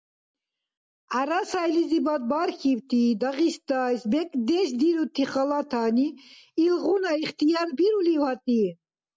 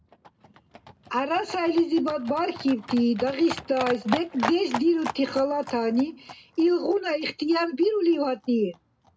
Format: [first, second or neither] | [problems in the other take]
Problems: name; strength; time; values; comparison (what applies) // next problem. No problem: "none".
first | background sound (Livestock, farm animals, working animals); 13 dB below the speech // room echo; dies away in 0.2 s